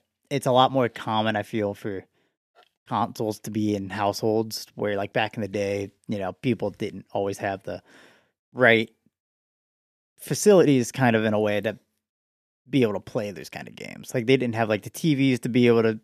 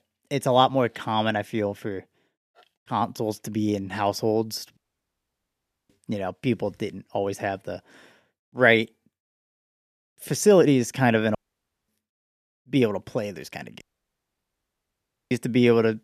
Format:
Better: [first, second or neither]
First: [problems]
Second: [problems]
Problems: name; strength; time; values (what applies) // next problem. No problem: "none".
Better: first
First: none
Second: audio cutting out; at 5 s for 1 s, at 11 s for 0.5 s and at 14 s for 1.5 s